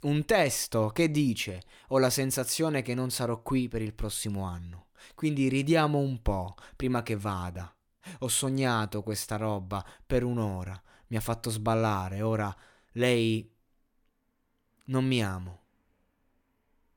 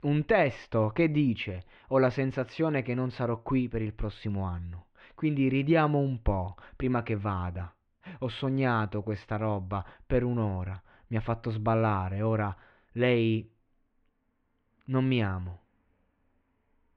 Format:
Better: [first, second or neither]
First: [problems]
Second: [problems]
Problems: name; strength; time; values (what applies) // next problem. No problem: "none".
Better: first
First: none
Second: muffled; very; fading above 3 kHz